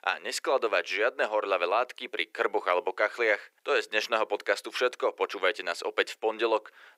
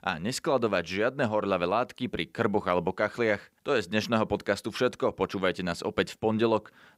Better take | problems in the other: second | thin; very; fading below 400 Hz

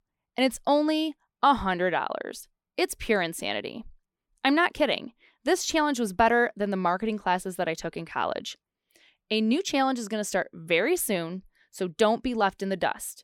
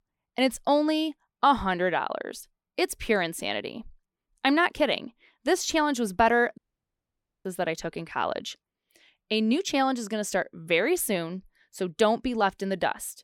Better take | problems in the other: first | audio cutting out; at 6.5 s for 1 s

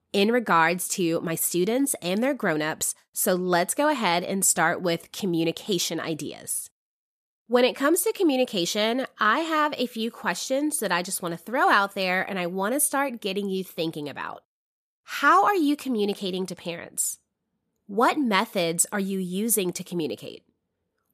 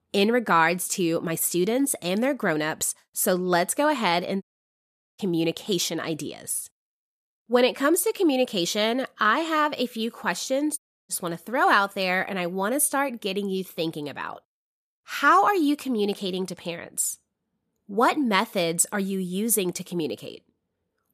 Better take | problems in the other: first | audio cutting out; at 4.5 s for 1 s and at 11 s

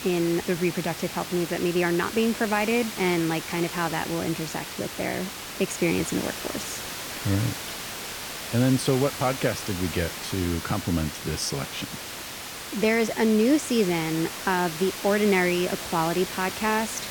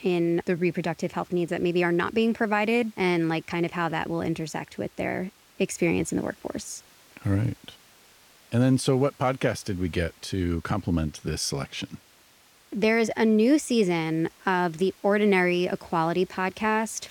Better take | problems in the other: second | hiss; loud; throughout; 7 dB below the speech; faint in the second

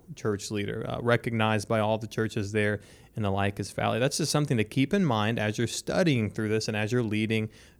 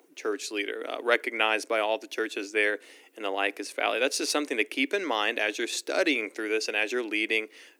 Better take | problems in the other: first | thin; somewhat; fading below 300 Hz

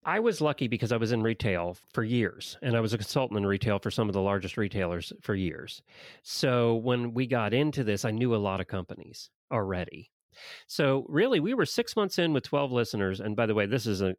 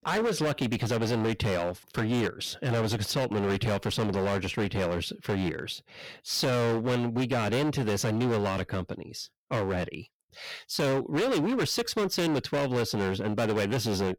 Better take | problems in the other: first | distortion; heavy; 23% of the sound clipped

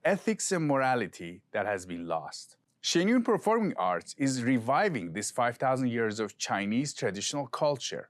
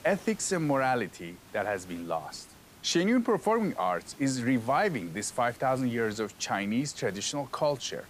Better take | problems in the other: first | hiss; faint; throughout; 20 dB below the speech

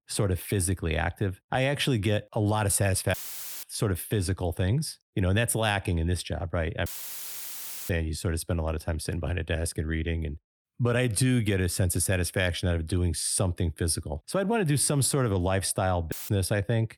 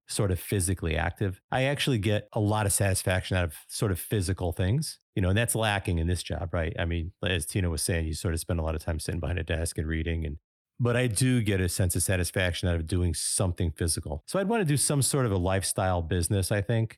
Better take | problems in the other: second | audio cutting out; filled with static; at 3 s, at 7 s for 1 s and at 16 s

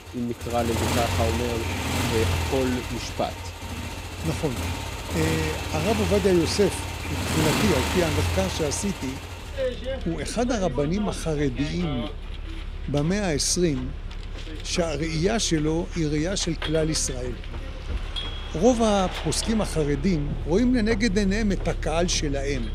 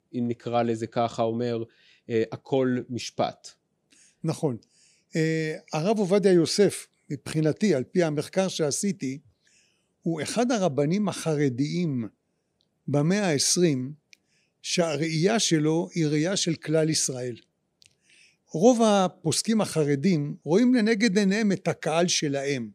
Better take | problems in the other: second | traffic noise; loud; throughout; 5 dB below the speech

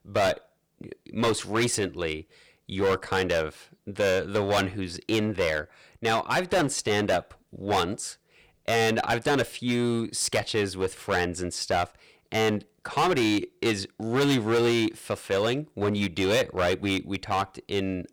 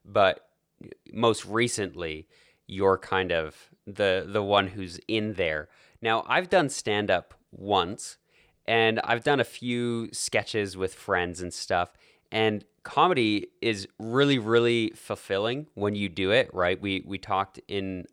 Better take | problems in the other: second | distortion; heavy; 10% of the sound clipped

